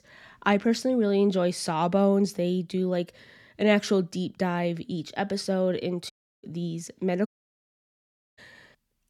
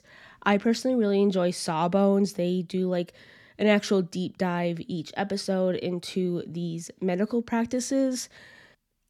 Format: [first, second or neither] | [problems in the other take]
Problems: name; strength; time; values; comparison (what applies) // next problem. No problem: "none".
second | audio cutting out; at 6 s and at 7.5 s for 1 s